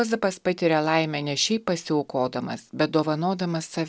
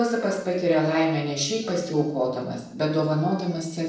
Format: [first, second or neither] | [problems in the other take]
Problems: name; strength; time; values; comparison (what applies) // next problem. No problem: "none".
first | noise reduction (neural separator model SepFormer DNS4)